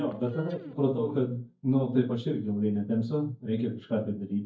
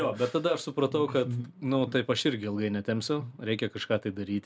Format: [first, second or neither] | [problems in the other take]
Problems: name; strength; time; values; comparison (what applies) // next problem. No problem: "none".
second | noise reduction (neural mask model DeepFilterNet 3)